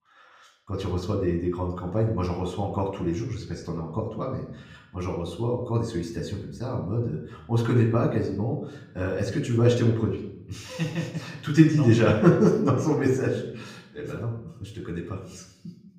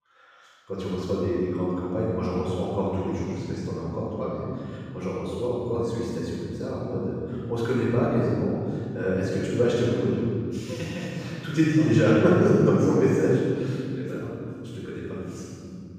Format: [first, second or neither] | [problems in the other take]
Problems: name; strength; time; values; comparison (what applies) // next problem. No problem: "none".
first | room echo; strong; dies away in 2.5 s; slight in the first // off-mic speech; far; far in the first